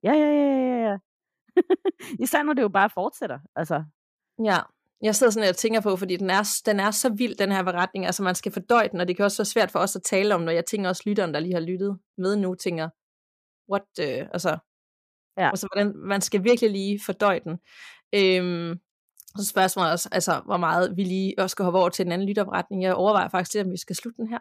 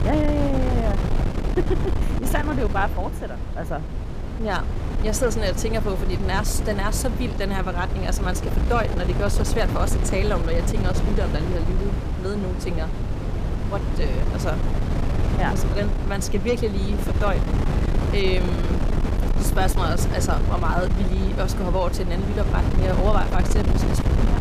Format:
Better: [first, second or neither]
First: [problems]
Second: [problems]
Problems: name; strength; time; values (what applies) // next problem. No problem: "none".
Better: first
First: none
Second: wind noise on the microphone; heavy; 5 dB below the speech